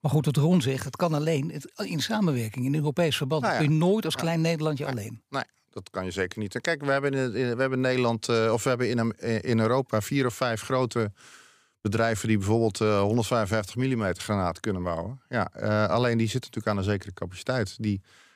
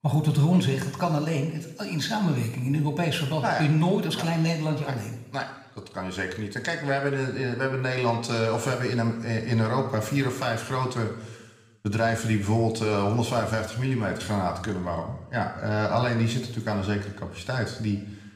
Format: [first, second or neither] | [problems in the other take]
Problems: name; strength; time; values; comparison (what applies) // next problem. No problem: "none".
first | room echo; noticeable; dies away in 1 s // off-mic speech; somewhat distant